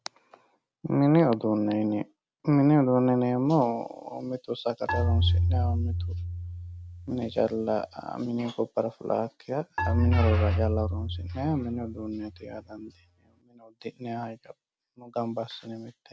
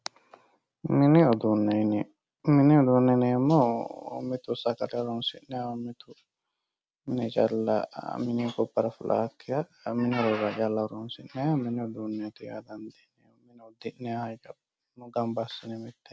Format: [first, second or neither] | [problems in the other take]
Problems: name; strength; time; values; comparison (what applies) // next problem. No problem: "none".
second | background sound (Marimba, xylophone); as loud as the speech